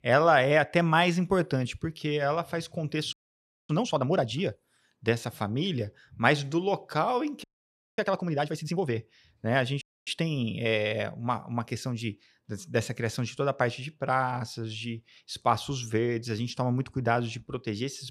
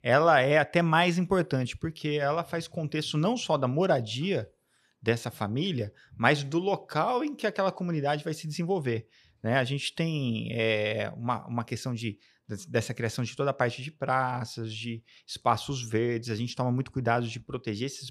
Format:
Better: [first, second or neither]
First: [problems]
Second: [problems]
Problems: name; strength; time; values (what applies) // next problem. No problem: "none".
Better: second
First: audio freezing; at 3 s for 0.5 s, at 7.5 s for 0.5 s and at 10 s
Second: none